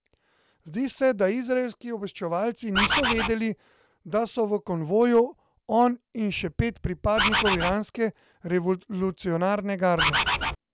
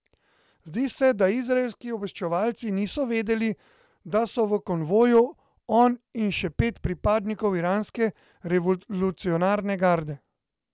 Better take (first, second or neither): second